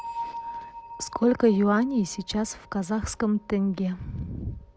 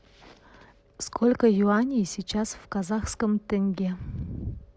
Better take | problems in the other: second | background sound (Bell); 15 dB below the speech

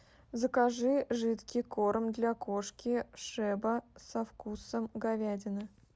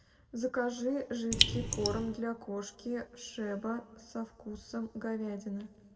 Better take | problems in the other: first | background sound (Raindrop); 5 dB above the speech // room echo; dies away in 1 s

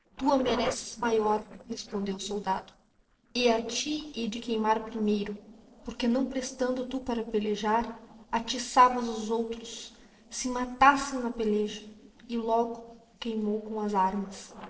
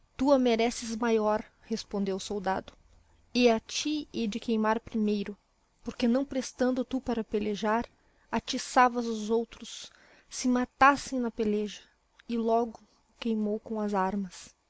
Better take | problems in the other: second | noise reduction (neural separator model SepFormer DNS4)

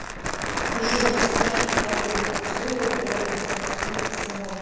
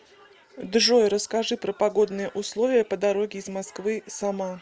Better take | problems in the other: second | background sound (Crumpling, crinkling); 4 dB above the speech // room echo; dies away in 2.1 s

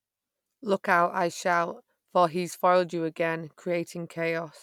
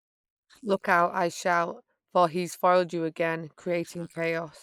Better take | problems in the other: first | noise reduction (neural mask model Resemble Enhance denoiser)

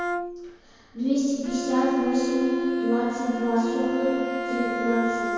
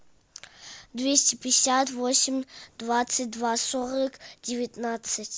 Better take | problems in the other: second | background sound (Bowed string instrument); 4 dB below the speech // room echo; dies away in 2.2 s

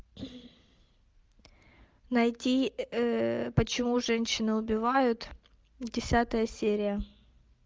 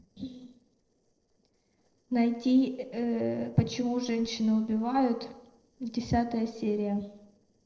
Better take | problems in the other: first | noise reduction (neural separator model SepFormer DNS4)

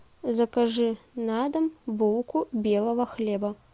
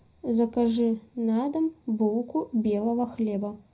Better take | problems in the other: first | room echo; dies away in 0.4 s

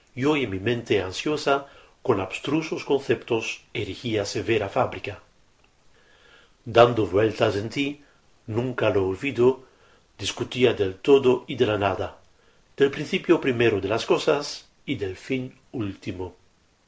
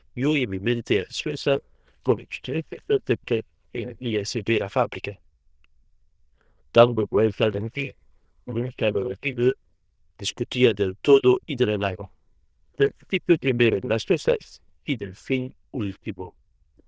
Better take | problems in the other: first | noise reduction (neural diffusion model UNIVERSE++)

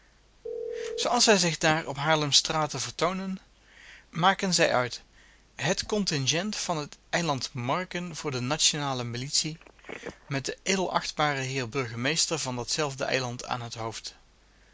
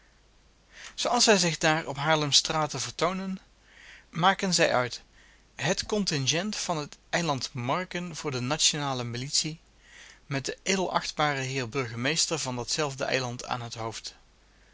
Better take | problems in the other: second | background sound (Telephone); 19 dB below the speech

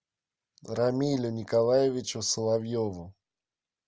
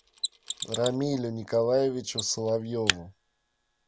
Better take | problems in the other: first | background sound (Mechanisms); 7 dB below the speech

